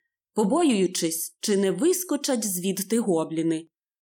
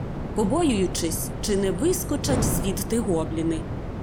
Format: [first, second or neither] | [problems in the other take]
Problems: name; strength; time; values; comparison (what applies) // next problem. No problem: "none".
first | wind noise on the microphone; heavy; 8 dB below the speech